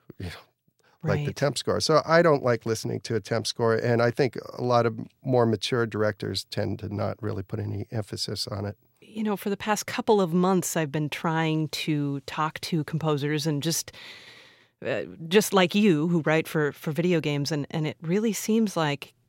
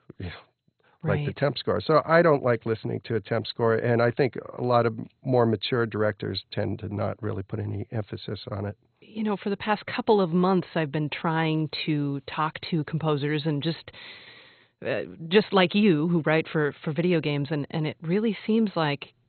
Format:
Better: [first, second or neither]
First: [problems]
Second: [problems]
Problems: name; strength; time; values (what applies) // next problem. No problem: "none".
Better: first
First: none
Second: garbled, watery; badly; nothing above 4 kHz